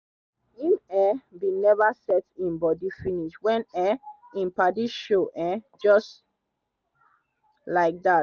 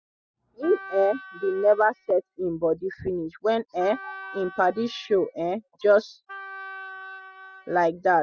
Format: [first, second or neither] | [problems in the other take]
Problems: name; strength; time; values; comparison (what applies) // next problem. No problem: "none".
first | noise reduction (classical method spectral subtraction)